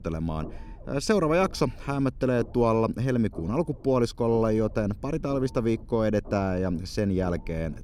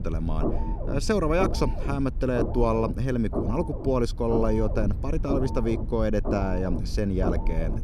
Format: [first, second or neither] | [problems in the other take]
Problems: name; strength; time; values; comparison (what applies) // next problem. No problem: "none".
first | low rumble; loud; throughout; 7 dB below the speech; faint in the first